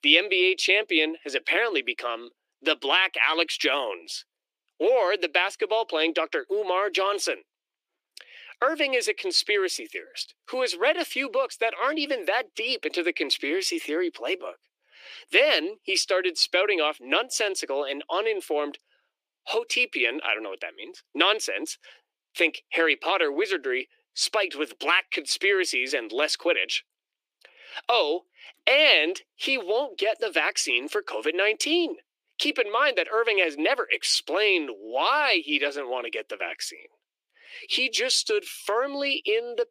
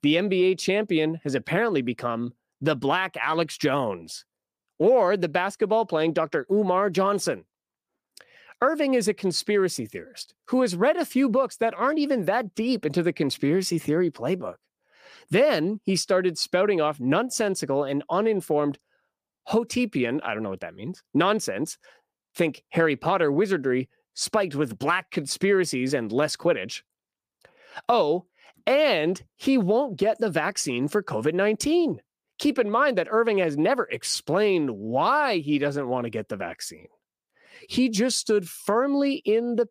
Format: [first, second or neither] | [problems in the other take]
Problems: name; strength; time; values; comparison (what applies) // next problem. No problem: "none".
second | thin; somewhat; fading below 300 Hz